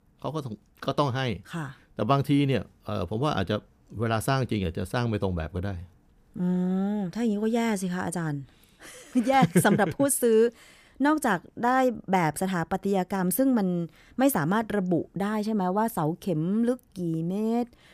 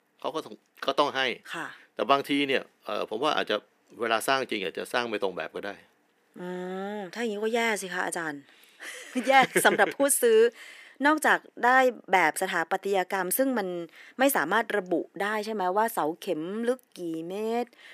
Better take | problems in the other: first | thin; somewhat; fading below 350 Hz

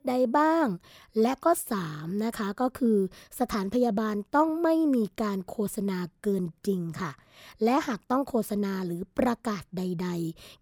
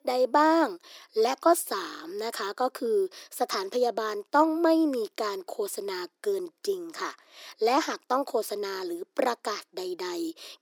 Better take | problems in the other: first | thin; somewhat; fading below 300 Hz

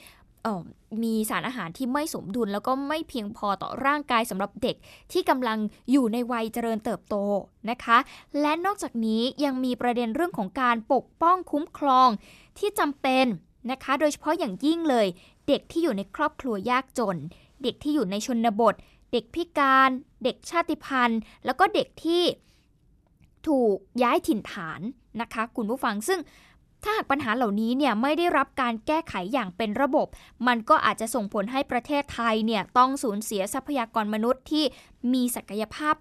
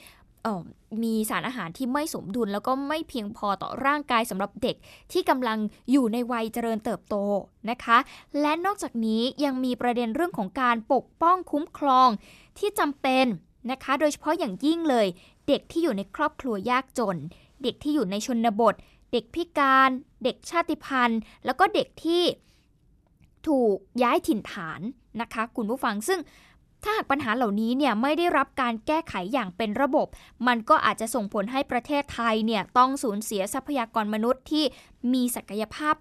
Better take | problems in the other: neither | none

